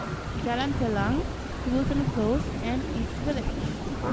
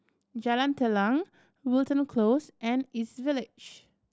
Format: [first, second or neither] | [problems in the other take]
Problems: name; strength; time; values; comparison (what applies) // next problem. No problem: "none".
second | background sound (Fowl); as loud as the speech